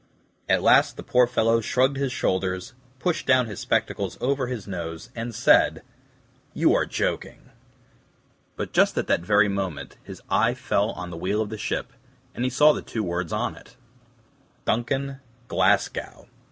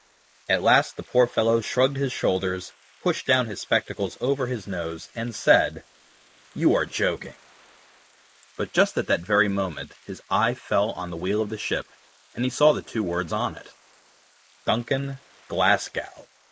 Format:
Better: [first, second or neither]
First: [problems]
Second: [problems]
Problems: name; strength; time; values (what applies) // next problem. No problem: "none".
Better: first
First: none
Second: noise reduction (neural mask model Resemble Enhance denoiser)